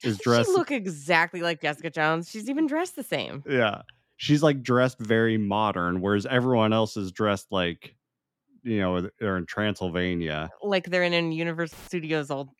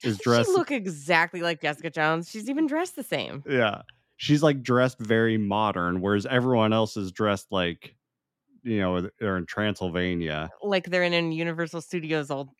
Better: second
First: audio cutting out; filled with static; at 12 s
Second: none

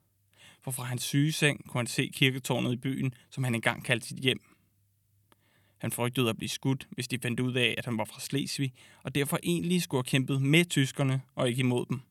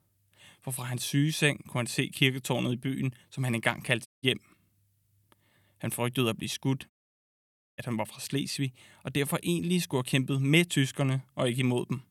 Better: first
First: none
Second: audio cutting out; at 4 s and at 7 s for 1 s

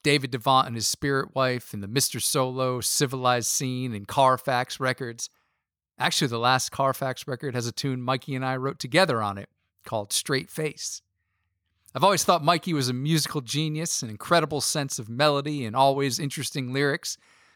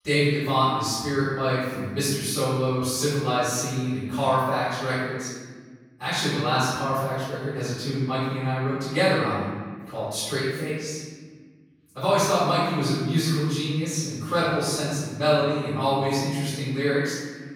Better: first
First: none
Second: room echo; strong; dies away in 1.5 s // off-mic speech; far

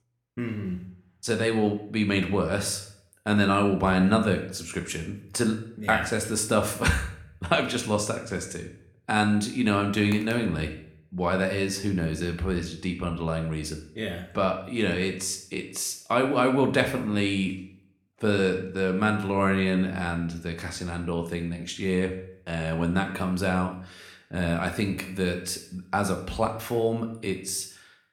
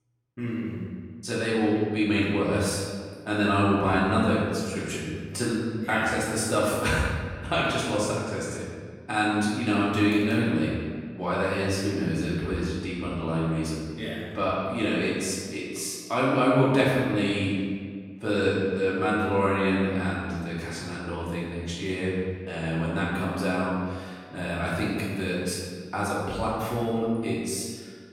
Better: first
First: room echo; slight; dies away in 0.5 s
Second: room echo; strong; dies away in 1.6 s // off-mic speech; far

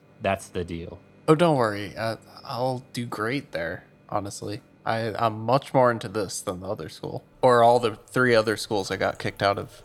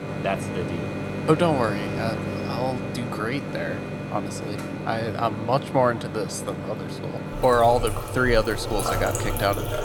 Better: first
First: household noises; faint; throughout; 30 dB below the speech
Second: household noises; loud; throughout; 5 dB below the speech

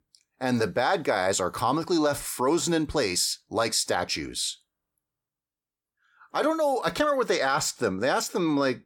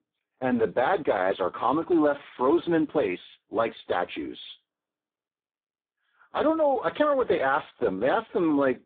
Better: first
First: none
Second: phone-call audio; poor line; nothing above 3.5 kHz

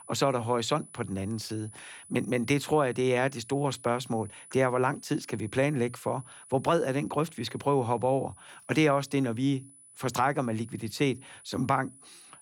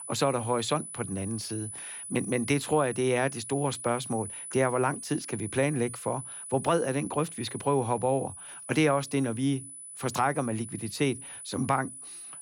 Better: first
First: high-pitched whine; faint; throughout; 10 kHz, 20 dB below the speech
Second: high-pitched whine; loud; throughout; 10 kHz, 10 dB below the speech

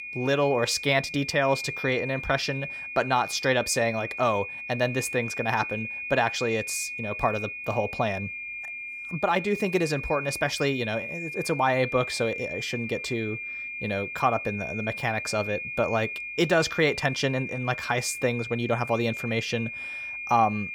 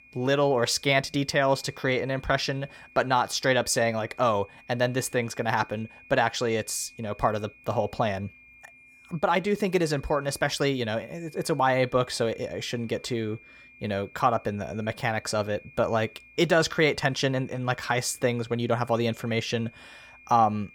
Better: second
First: high-pitched whine; loud; throughout; 2.5 kHz, 6 dB below the speech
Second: high-pitched whine; faint; throughout; 2.5 kHz, 25 dB below the speech

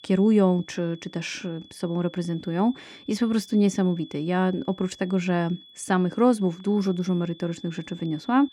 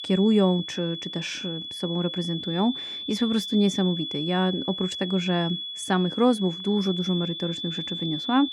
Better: first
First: high-pitched whine; faint; throughout; 3.5 kHz, 20 dB below the speech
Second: high-pitched whine; loud; throughout; 3.5 kHz, 6 dB below the speech

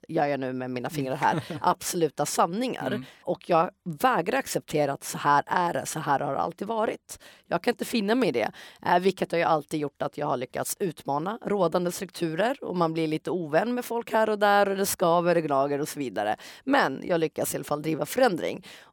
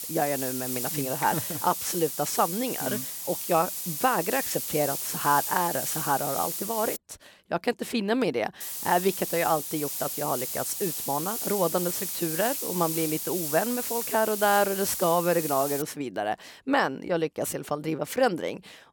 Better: first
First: none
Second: hiss; loud; until 7 s and from 8.5 to 16 s; 3 dB below the speech

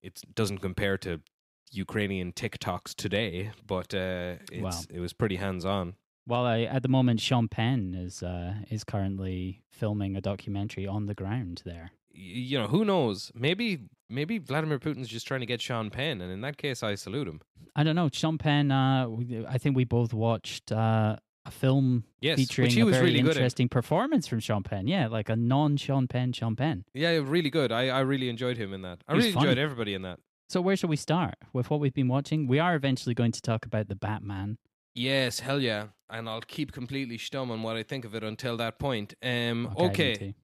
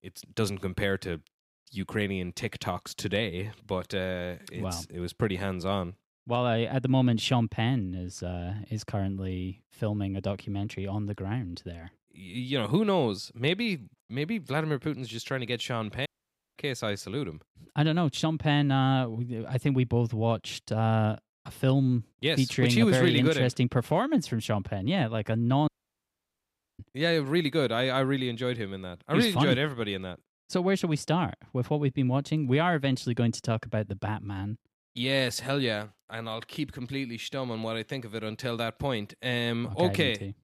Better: first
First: none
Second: audio cutting out; at 16 s for 0.5 s and at 26 s for 1 s

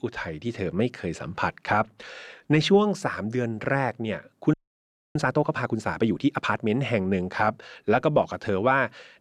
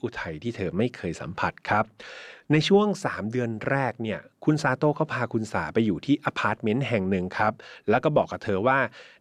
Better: second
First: audio freezing; at 4.5 s for 0.5 s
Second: none

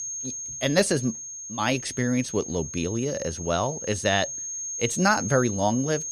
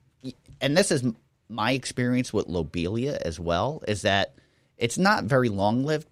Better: second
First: high-pitched whine; loud; throughout; 6.5 kHz, 7 dB below the speech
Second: none

